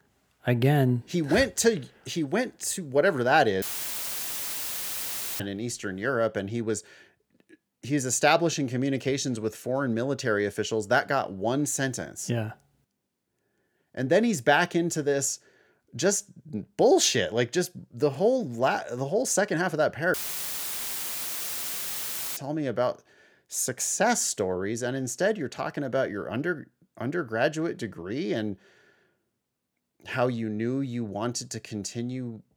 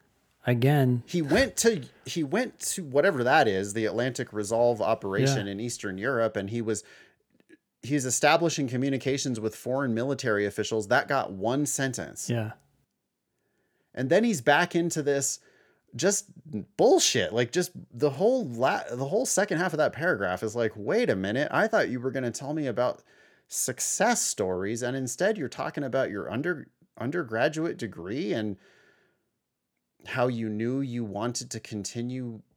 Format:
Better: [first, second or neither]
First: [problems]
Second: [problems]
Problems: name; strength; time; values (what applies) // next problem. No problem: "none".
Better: second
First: audio cutting out; filled with static; at 3.5 s for 2 s and at 20 s for 2 s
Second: none